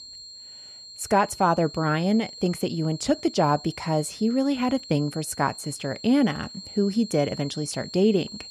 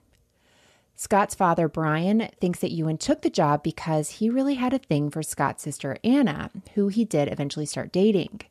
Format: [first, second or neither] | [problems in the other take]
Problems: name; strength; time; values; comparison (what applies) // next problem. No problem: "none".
second | high-pitched whine; noticeable; throughout; 4 kHz, 15 dB below the speech